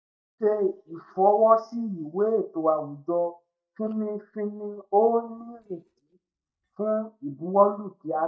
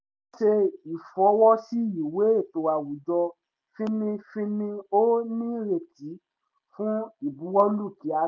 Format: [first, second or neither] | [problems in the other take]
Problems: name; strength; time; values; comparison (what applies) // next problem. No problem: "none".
second | noise reduction (neural mask model DeepFilterNet 3)